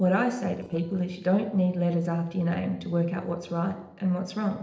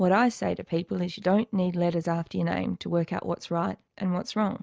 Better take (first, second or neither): second